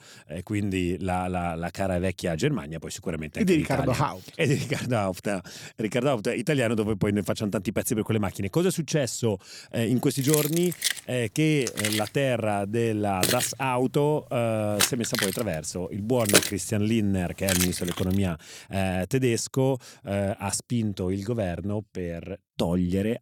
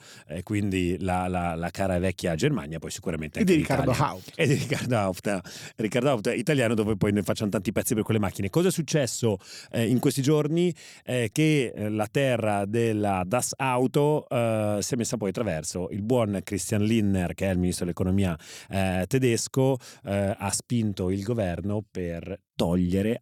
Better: second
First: jangling keys; loud; from 10 to 18 s; peak 6 dB above the speech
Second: none

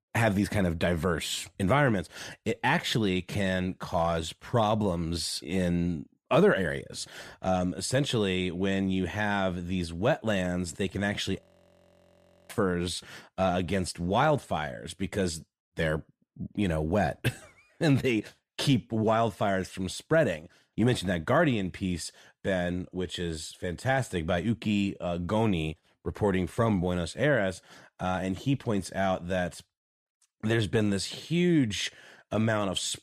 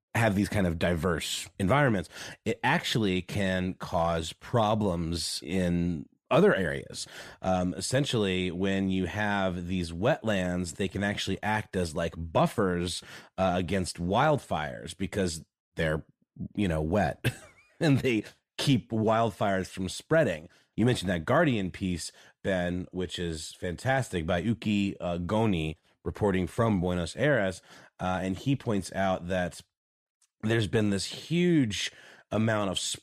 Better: second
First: audio freezing; at 11 s for 1 s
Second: none

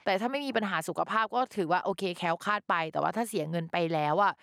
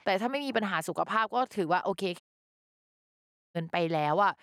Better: first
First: none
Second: audio cutting out; at 2 s for 1.5 s

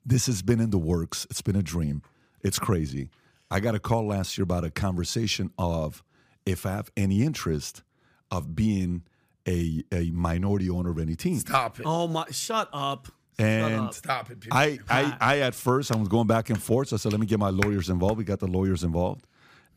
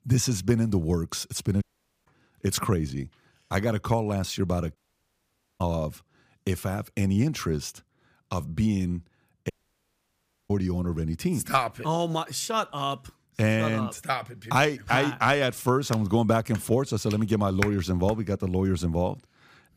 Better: first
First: none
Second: audio cutting out; at 1.5 s, at 5 s for 1 s and at 9.5 s for 1 s

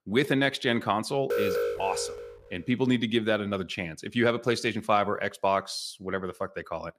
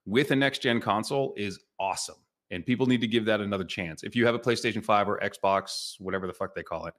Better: second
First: alarm; loud; from 1.5 to 2.5 s; peak 1 dB above the speech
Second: none

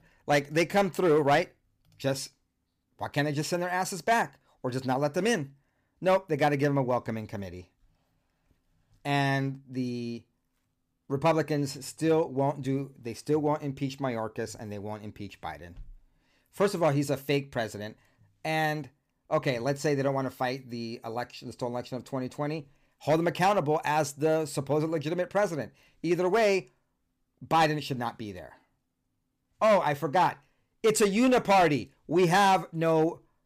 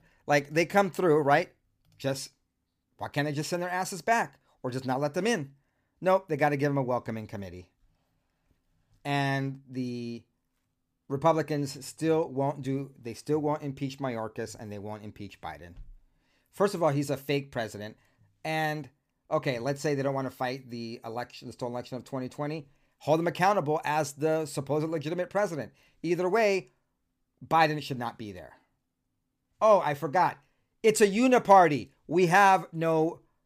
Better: second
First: distortion; slight; 2% of the sound clipped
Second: none

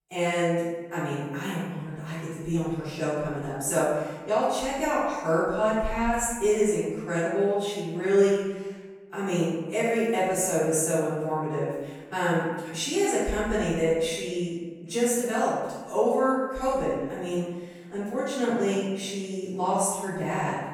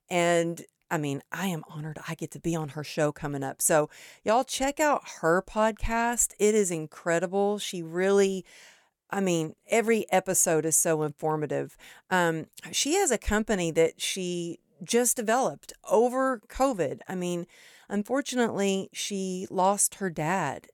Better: second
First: off-mic speech; far // room echo; strong; dies away in 1.3 s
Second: none

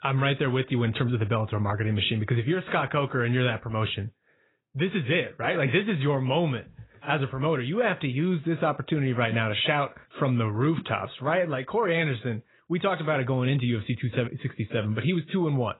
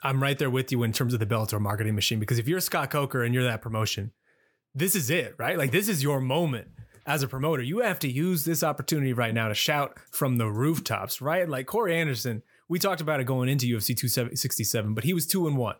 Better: second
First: garbled, watery; badly; nothing above 4 kHz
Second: none

